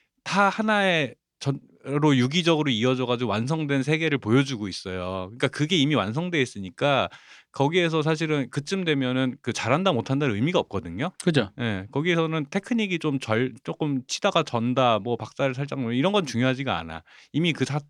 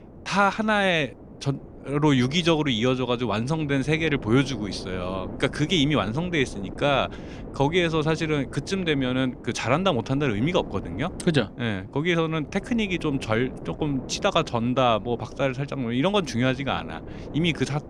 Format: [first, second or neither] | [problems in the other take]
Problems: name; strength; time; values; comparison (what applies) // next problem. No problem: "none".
first | wind noise on the microphone; occasional gusts; 20 dB below the speech